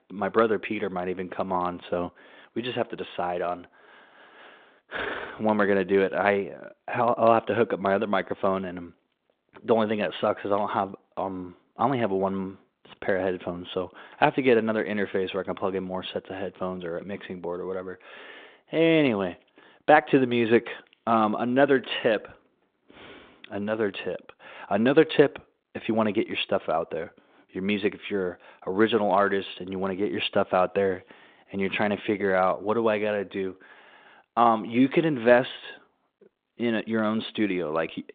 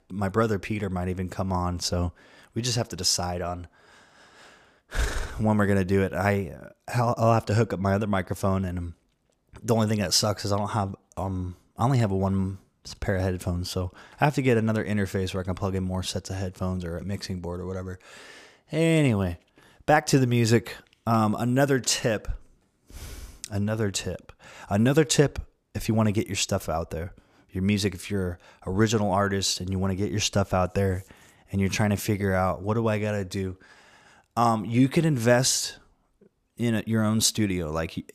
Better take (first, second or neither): second